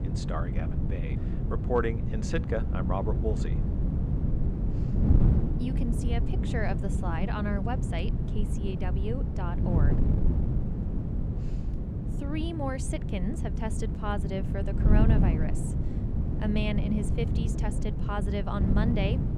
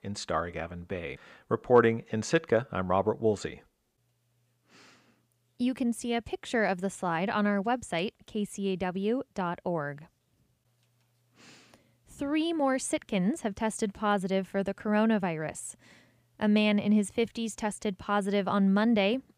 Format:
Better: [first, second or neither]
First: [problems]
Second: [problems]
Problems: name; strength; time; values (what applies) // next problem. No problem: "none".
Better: second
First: wind noise on the microphone; heavy; 4 dB below the speech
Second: none